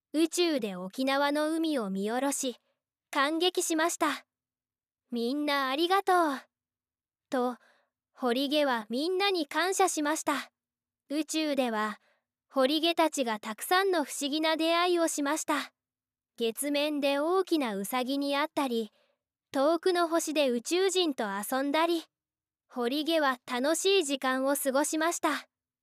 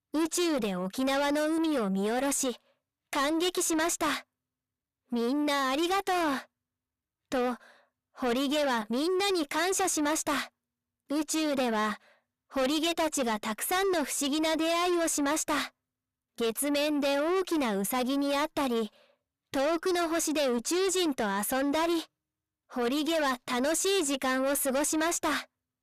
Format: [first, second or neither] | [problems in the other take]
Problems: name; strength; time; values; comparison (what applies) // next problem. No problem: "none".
first | distortion; heavy; 7 dB below the speech